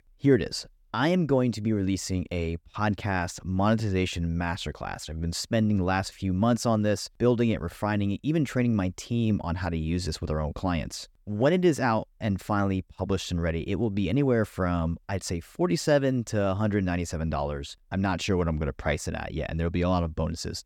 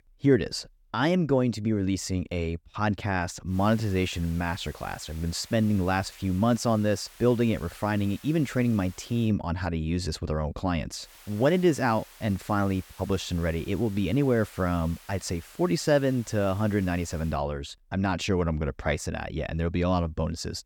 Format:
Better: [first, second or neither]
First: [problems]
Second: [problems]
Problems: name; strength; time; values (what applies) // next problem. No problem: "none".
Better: first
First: none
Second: hiss; faint; from 3.5 to 9.5 s and from 11 to 17 s; 20 dB below the speech